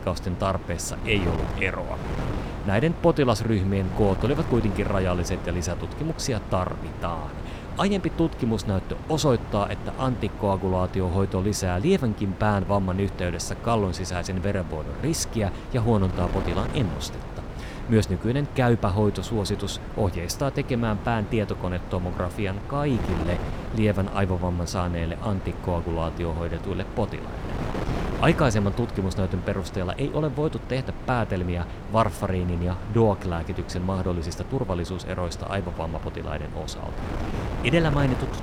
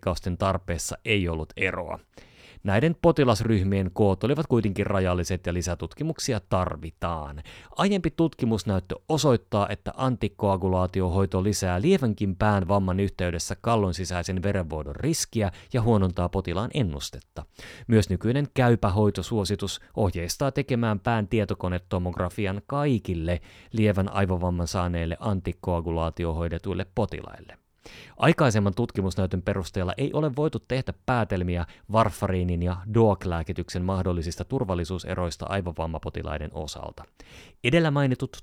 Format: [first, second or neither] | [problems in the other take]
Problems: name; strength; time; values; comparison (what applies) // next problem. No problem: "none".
second | wind noise on the microphone; heavy; 10 dB below the speech